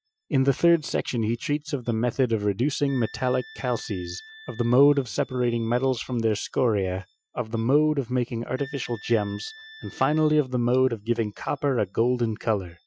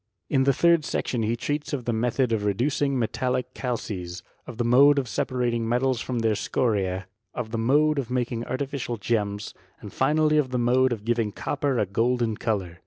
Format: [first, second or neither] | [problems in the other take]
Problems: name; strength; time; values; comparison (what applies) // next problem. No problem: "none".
second | noise reduction (classical method Wiener filter)